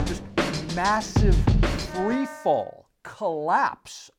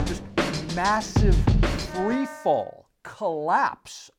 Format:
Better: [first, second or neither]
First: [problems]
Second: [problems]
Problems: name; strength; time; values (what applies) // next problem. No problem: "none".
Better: neither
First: background music; very loud; until 2 s; 1 dB above the speech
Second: background music; very loud; until 2 s; 1 dB above the speech